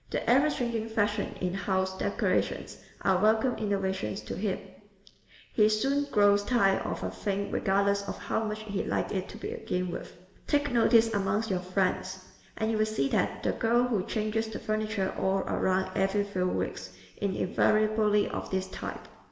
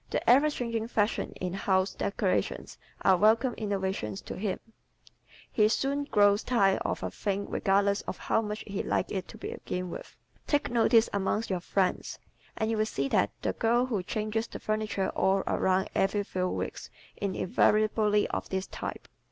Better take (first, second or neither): second